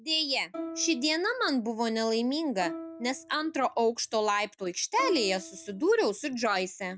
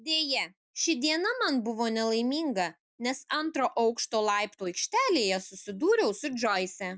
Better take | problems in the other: second | background sound (Plucked string instrument); 14 dB below the speech

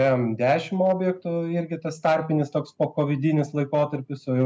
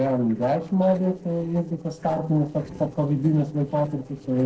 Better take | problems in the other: first | noise reduction (neural separator model SepFormer DNS4)

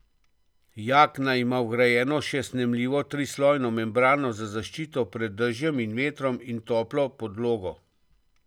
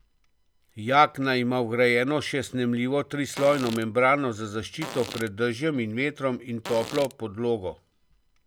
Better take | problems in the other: first | background sound (Fart); 13 dB below the speech

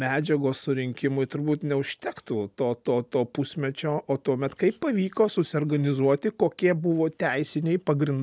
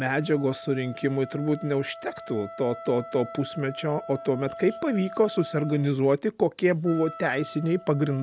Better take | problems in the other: first | background sound (Wind instrument, woodwind instrument); 15 dB below the speech

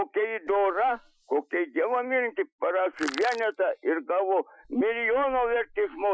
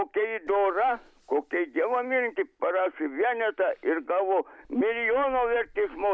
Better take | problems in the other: second | noise reduction (classical method Wiener filter)

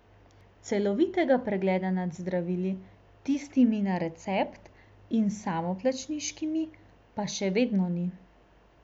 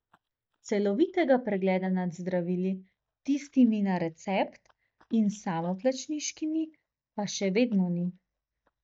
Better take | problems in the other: first | noise reduction (neural mask model DeepFilterNet 3)

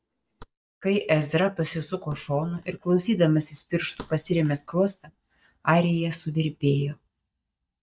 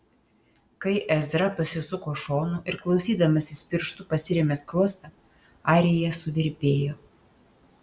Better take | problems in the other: second | noise reduction (neural mask model DeepFilterNet 3)

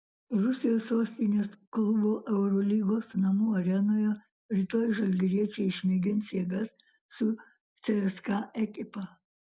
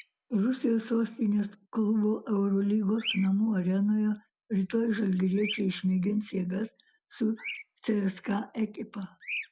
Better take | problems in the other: first | background sound (Bird vocalization, bird call, bird song); 16 dB below the speech

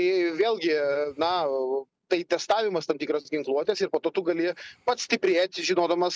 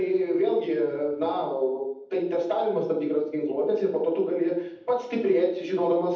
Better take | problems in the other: first | room echo; dies away in 0.8 s

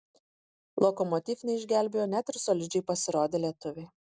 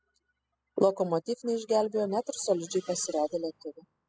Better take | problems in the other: first | noise reduction (classical method spectral subtraction)

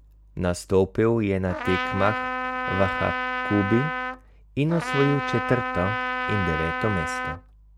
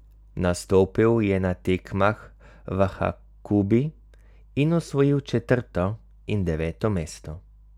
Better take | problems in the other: second | background sound (Trumpet); 3 dB below the speech

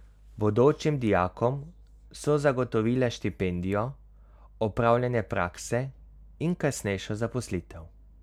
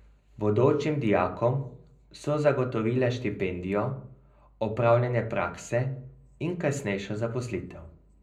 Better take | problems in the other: first | room echo; dies away in 0.5 s

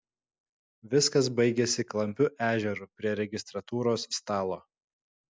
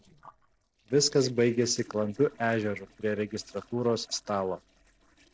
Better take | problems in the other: first | noise reduction (neural separator model SepFormer DNS4)

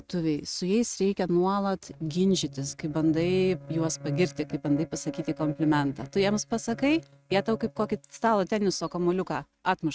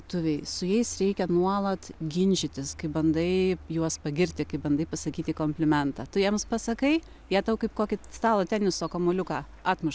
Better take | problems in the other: second | noise reduction (neural mask model RNNoise)

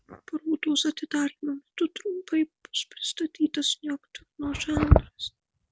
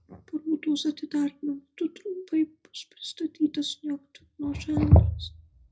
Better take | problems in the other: first | room echo; dies away in 0.4 s

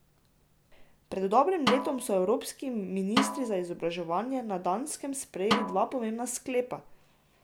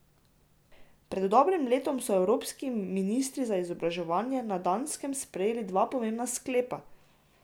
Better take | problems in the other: second | background sound (Snare drum); 4 dB below the speech

